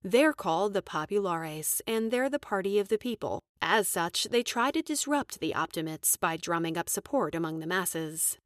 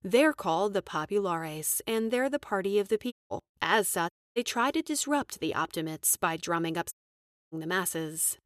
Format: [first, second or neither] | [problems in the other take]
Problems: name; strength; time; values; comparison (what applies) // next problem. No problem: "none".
first | audio cutting out; at 3 s, at 4 s and at 7 s for 0.5 s